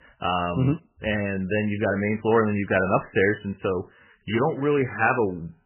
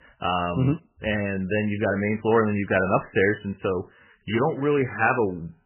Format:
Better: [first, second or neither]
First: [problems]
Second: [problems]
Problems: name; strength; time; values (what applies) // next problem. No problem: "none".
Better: neither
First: garbled, watery; badly; nothing above 3 kHz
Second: garbled, watery; badly; nothing above 3 kHz